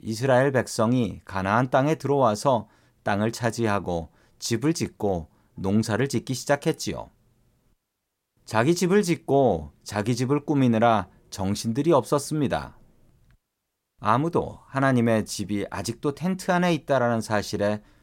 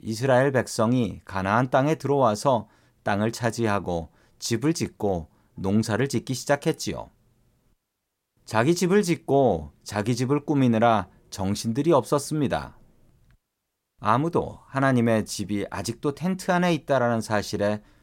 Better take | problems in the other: neither | none

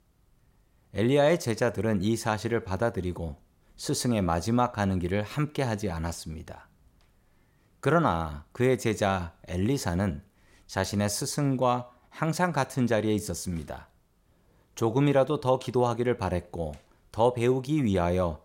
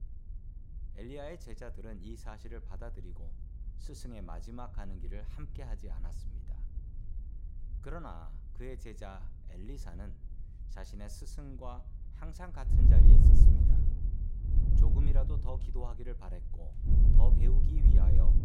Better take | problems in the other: first | wind noise on the microphone; heavy; 4 dB above the speech

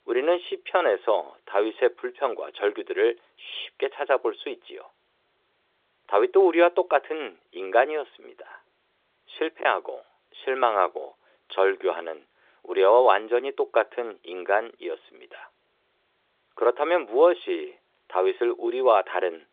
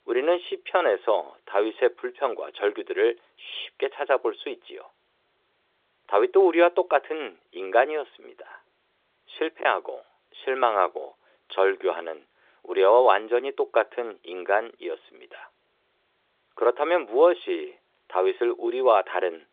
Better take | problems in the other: neither | phone-call audio; the same in both

